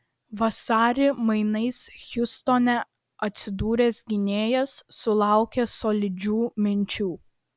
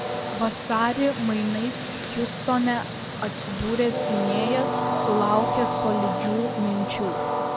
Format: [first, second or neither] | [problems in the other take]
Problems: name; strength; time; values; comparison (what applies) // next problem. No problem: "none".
first | background sound (Train); 1 dB below the speech